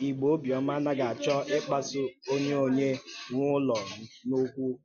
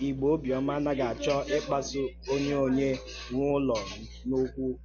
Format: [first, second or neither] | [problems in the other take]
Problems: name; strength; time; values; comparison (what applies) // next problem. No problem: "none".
first | background sound (Musical instrument); 17 dB below the speech